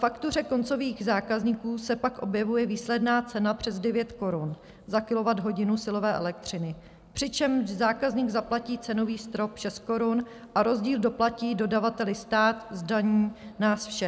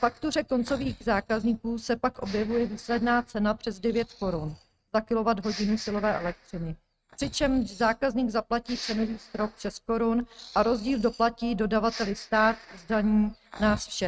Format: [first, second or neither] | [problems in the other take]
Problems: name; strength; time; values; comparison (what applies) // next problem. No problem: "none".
first | noise reduction (neural mask model RNNoise)